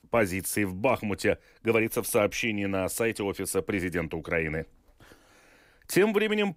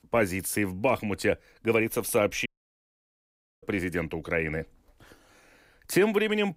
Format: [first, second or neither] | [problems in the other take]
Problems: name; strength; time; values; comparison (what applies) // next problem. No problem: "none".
first | audio cutting out; at 2.5 s for 1 s